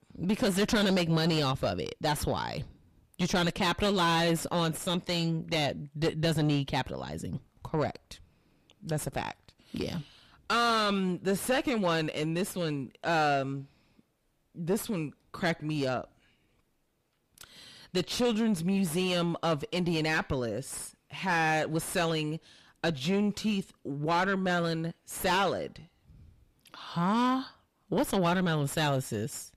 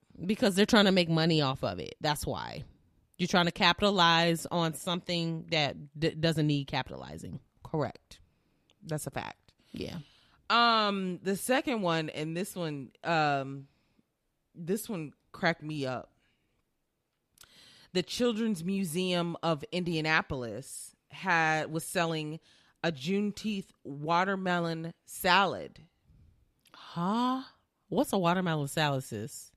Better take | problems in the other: second | distortion; heavy; 5 dB below the speech

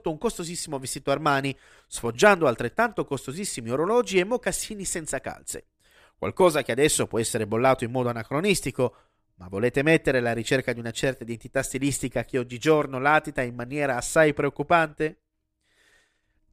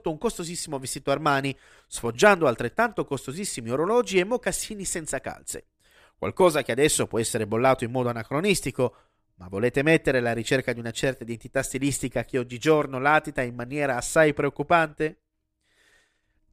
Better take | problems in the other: neither | none

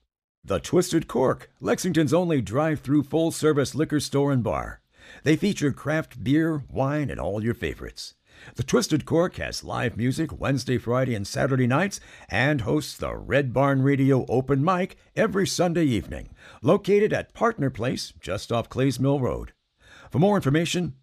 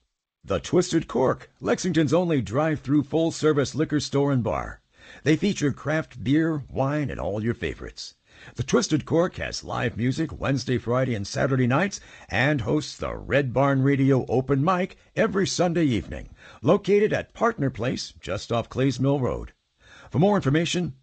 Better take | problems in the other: first | garbled, watery; slightly; nothing above 7.5 kHz

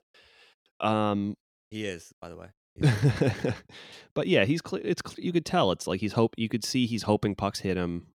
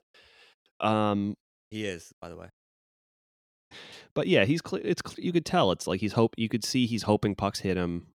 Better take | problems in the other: first | audio cutting out; at 2.5 s for 1 s

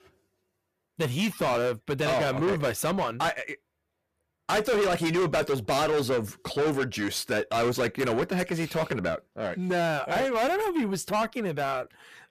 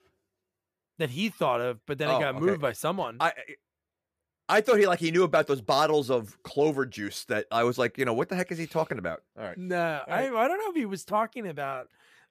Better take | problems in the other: second | distortion; heavy; 6 dB below the speech

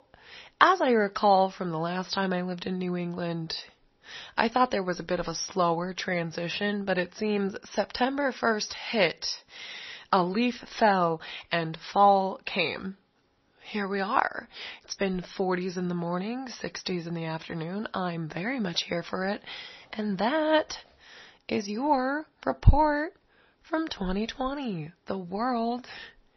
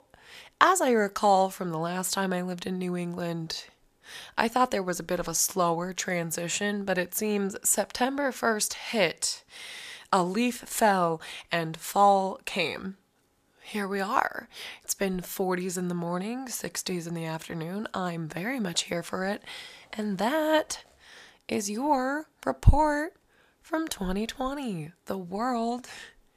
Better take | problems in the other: second | garbled, watery; slightly; nothing above 6 kHz

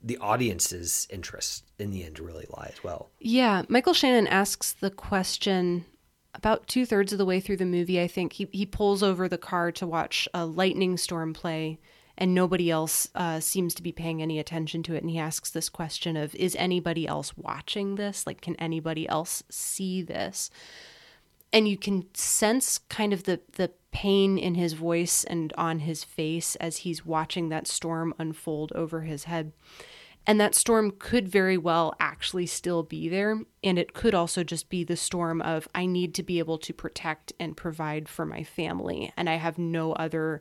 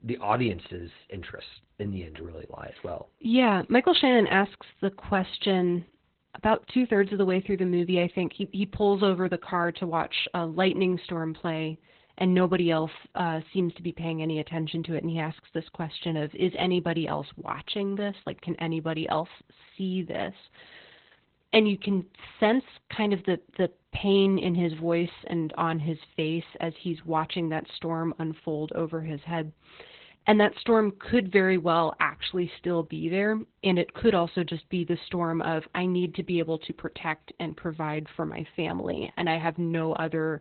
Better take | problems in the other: first | garbled, watery; badly; nothing above 4 kHz

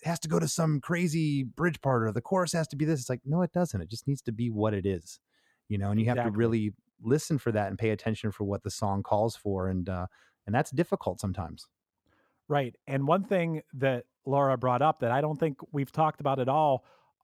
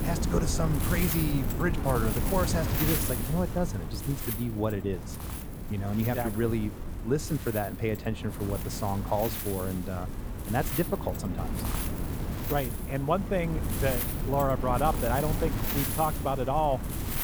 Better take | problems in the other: first | wind noise on the microphone; heavy; 7 dB below the speech

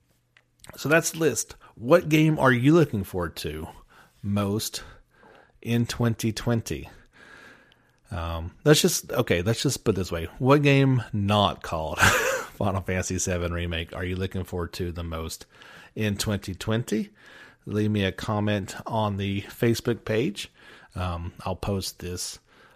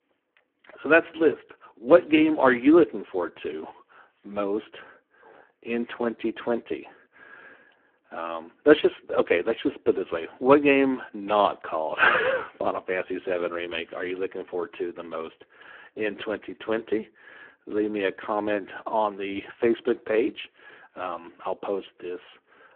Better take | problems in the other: first | phone-call audio; poor line

